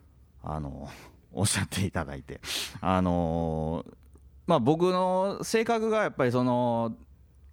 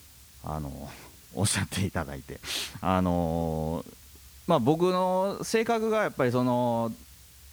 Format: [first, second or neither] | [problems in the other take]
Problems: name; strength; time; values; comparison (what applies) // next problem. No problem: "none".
first | hiss; faint; throughout; 25 dB below the speech